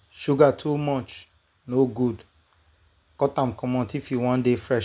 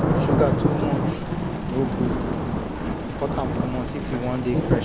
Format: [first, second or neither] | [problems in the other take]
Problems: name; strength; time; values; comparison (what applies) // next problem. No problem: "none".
first | background sound (Thunder / Rain); 5 dB above the speech